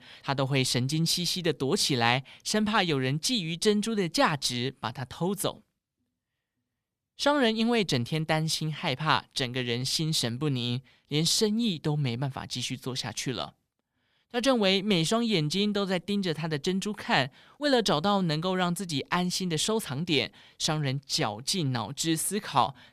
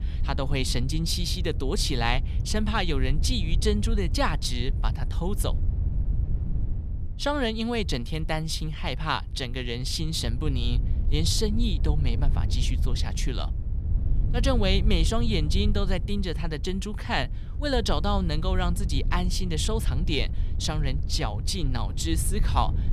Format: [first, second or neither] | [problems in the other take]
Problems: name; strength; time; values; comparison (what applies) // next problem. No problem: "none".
first | wind noise on the microphone; occasional gusts; 15 dB below the speech